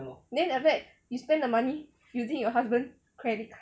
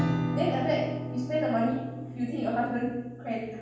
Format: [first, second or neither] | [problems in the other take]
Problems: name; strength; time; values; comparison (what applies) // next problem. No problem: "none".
first | background sound (Acoustic guitar / Strum); 4 dB below the speech // room echo; dies away in 1.2 s